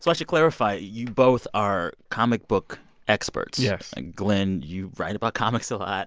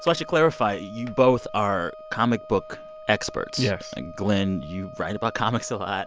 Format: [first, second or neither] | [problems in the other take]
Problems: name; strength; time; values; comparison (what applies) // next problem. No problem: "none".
first | background sound (Wind instrument, woodwind instrument); 17 dB below the speech